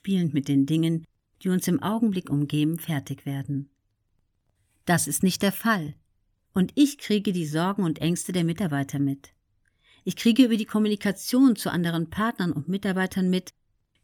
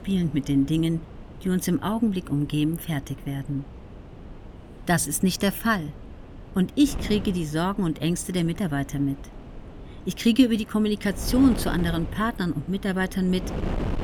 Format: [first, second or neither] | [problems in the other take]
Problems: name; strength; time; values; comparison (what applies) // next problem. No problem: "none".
first | wind noise on the microphone; occasional gusts; 15 dB below the speech